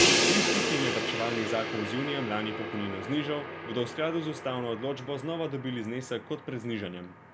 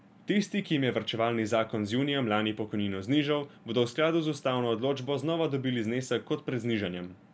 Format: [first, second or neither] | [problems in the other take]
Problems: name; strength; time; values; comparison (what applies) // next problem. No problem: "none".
second | background sound (Crash cymbal); 1 dB above the speech